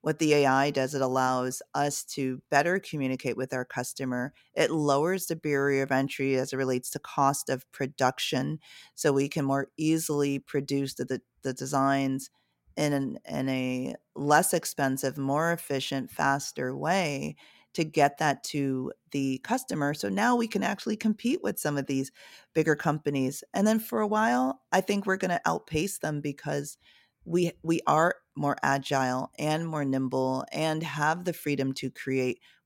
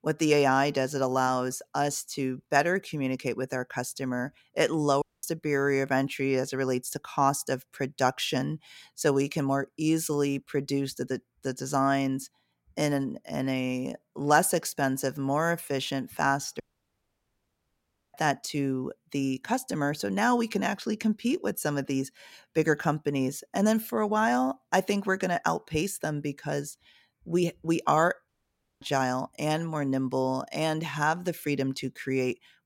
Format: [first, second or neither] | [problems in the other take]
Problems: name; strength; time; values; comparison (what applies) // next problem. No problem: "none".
first | audio cutting out; at 5 s, at 17 s for 1.5 s and at 28 s for 0.5 s